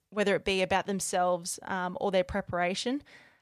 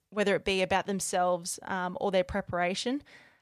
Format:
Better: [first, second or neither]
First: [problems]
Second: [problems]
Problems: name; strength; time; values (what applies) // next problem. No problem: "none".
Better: neither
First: none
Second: none